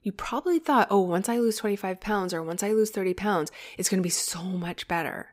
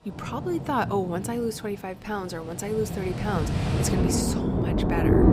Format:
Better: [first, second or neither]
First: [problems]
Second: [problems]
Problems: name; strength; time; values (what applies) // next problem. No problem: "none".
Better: first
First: none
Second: rain or running water; very loud; throughout; 3 dB above the speech